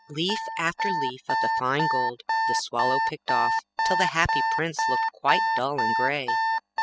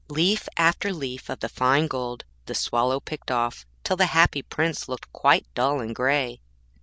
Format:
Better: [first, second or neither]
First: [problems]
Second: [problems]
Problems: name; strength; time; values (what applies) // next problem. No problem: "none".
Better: second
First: noise reduction (classical method spectral subtraction)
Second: none